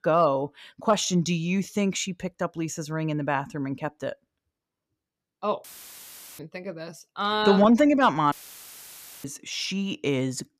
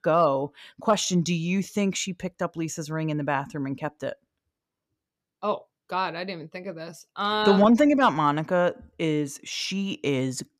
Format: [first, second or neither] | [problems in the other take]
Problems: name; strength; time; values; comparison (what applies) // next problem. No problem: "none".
second | audio cutting out; filled with static; at 5.5 s for 1 s and at 8.5 s for 1 s